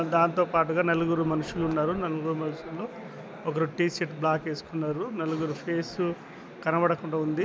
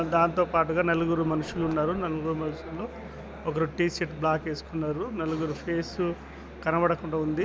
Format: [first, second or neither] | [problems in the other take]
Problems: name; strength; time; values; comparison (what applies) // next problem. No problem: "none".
first | background sound (Musical instrument); 20 dB below the speech